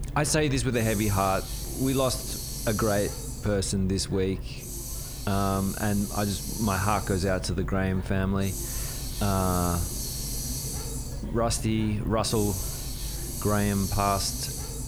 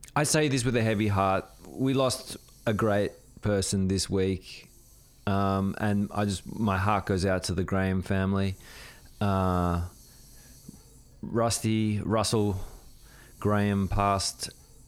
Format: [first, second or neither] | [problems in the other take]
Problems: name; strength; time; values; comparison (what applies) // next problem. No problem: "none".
second | hiss; loud; throughout; 6 dB below the speech; faint in the second